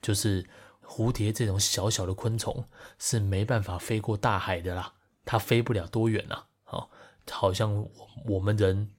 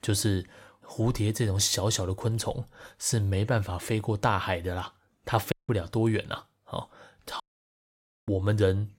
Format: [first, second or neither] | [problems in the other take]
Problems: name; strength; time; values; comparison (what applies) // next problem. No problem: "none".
first | audio cutting out; at 5.5 s and at 7.5 s for 1 s